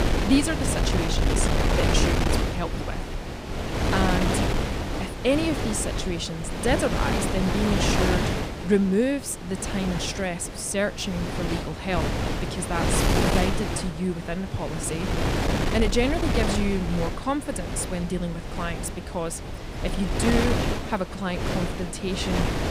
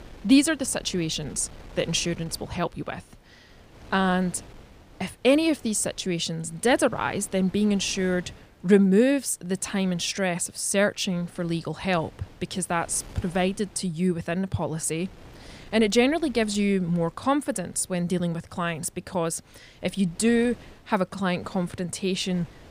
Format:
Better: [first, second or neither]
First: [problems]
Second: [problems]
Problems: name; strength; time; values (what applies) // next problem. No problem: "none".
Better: second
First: wind noise on the microphone; heavy; as loud as the speech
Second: wind noise on the microphone; occasional gusts; 25 dB below the speech